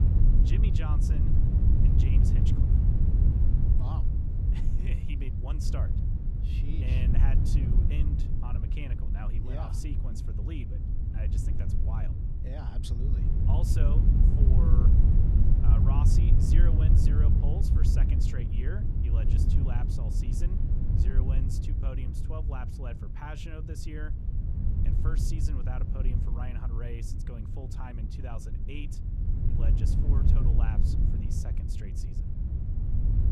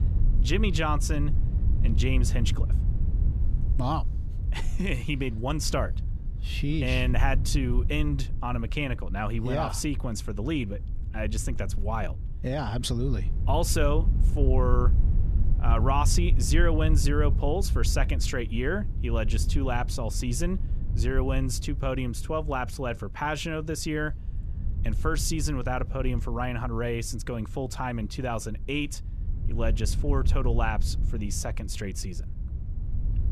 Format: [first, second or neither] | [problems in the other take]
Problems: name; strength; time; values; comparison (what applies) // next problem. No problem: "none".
second | wind noise on the microphone; heavy; 2 dB above the speech; occasional gusts in the second